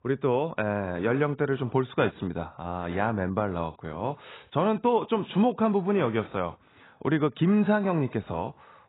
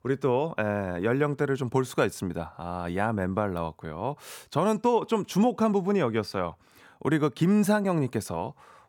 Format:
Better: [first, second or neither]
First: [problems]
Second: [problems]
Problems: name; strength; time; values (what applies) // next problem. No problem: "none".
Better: second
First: garbled, watery; badly; nothing above 4 kHz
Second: none